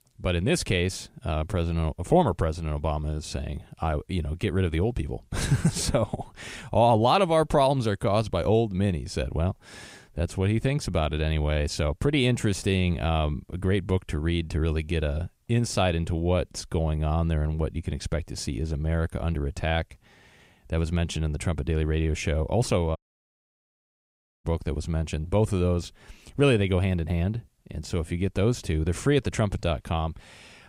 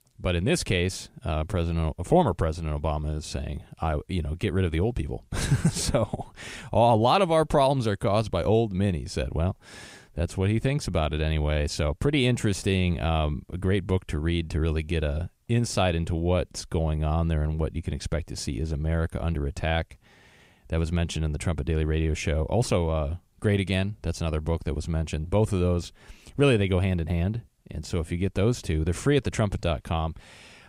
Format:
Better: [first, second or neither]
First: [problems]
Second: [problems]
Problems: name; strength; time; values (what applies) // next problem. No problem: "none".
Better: second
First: audio cutting out; at 23 s for 1.5 s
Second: none